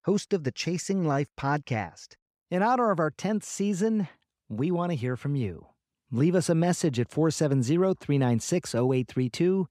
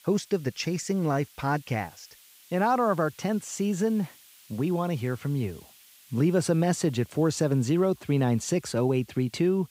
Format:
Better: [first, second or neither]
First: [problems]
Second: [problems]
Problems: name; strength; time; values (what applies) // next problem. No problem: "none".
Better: first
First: none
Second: hiss; faint; throughout; 25 dB below the speech